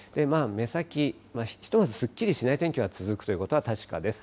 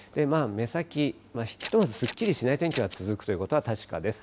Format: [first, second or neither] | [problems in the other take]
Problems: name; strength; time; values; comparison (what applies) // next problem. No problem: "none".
first | background sound (Scissors); 13 dB below the speech